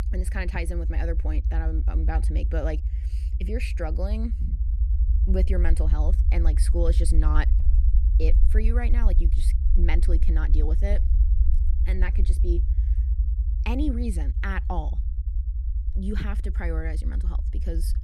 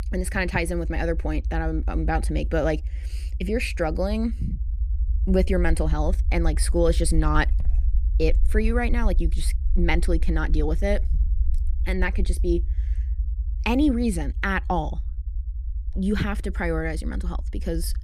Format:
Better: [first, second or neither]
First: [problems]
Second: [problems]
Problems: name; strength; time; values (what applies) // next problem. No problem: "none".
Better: second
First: low rumble; loud; throughout; 10 dB below the speech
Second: low rumble; faint; throughout; 20 dB below the speech